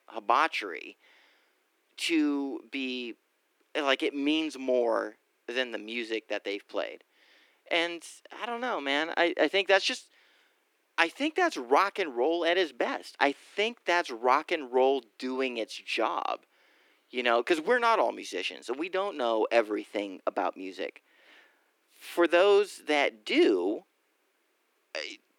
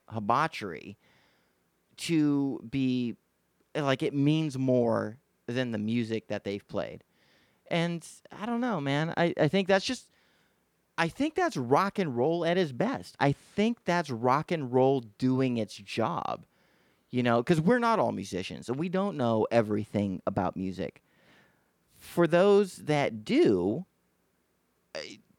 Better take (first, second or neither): second